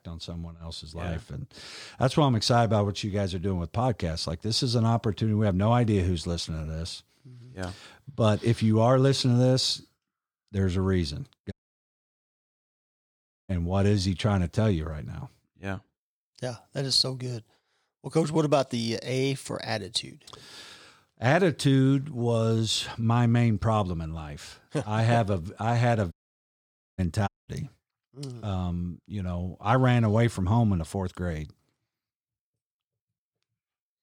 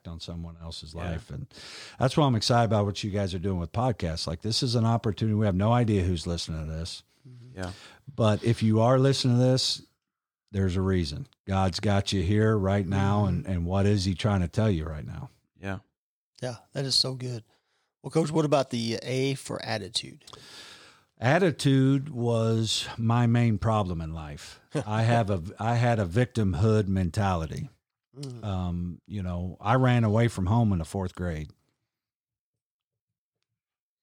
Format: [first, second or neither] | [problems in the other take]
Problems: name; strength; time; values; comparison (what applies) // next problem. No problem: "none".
second | audio cutting out; at 12 s for 2 s, at 26 s for 1 s and at 27 s